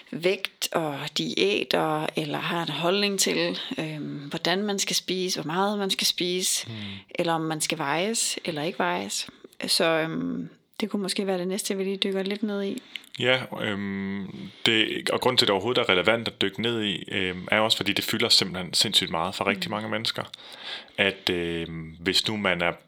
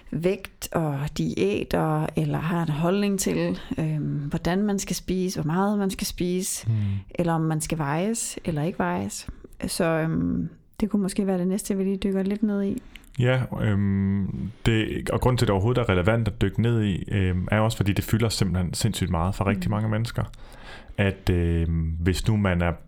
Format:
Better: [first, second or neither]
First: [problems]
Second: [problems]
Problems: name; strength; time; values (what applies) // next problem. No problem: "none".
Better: second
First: thin; somewhat; fading below 300 Hz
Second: none